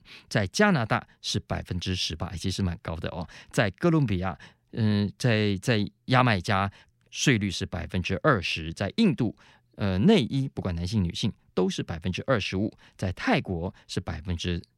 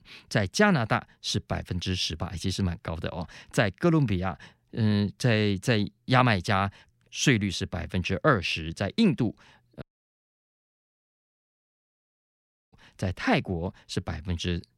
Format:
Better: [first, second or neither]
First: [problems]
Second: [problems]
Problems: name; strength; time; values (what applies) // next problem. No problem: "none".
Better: first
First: none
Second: audio cutting out; at 10 s for 3 s